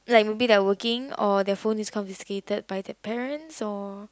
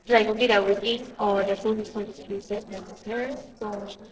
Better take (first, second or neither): first